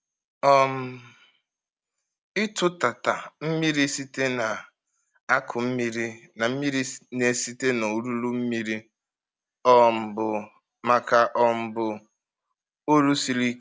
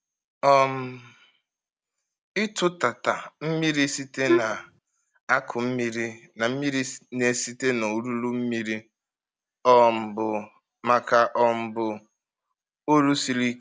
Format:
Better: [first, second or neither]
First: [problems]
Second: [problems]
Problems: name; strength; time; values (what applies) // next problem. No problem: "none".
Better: first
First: none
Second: background sound (Wind instrument, woodwind instrument); 1 dB above the speech